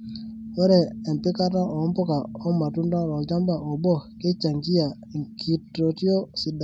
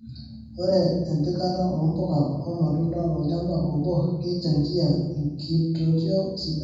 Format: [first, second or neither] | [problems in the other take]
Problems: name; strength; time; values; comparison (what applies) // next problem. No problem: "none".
first | room echo; dies away in 1.2 s